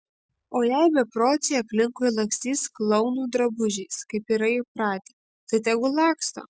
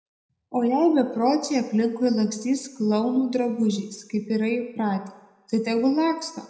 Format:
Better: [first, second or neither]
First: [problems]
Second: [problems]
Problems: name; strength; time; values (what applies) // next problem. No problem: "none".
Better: first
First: none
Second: room echo; dies away in 0.7 s